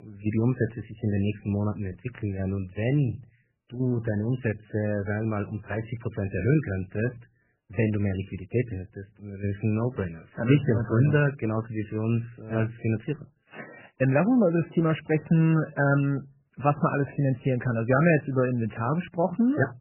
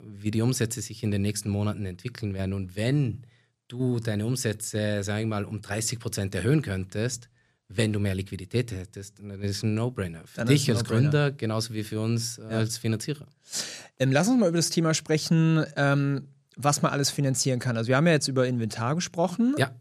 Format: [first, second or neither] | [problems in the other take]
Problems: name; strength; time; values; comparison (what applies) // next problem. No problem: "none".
second | garbled, watery; badly; nothing above 3 kHz